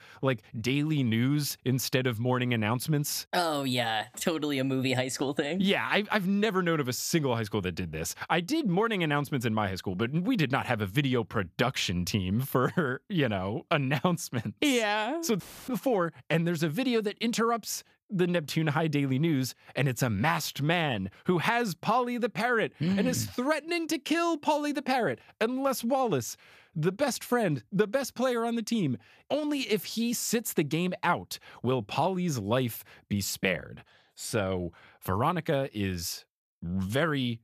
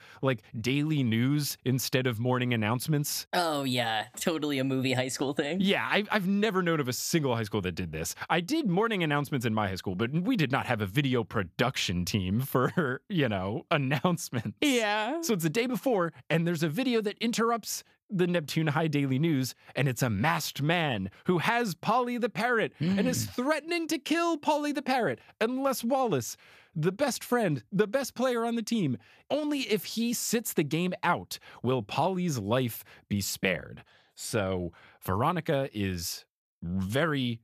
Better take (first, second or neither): second